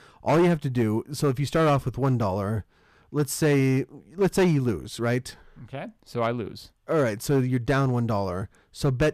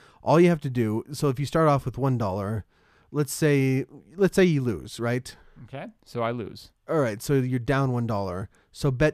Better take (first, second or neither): second